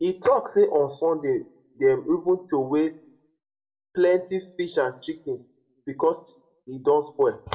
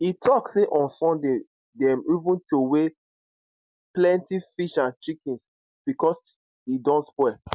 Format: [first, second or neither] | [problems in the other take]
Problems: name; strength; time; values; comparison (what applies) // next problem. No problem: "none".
second | room echo; dies away in 0.3 s